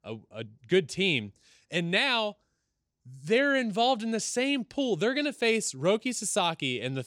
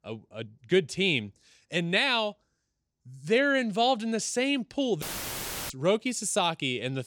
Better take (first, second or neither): first